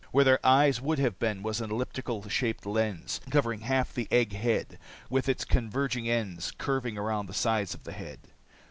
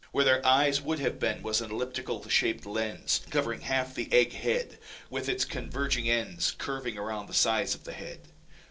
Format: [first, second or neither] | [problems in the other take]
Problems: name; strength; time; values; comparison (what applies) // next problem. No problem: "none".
first | noise reduction (neural separator model SepFormer DNS4)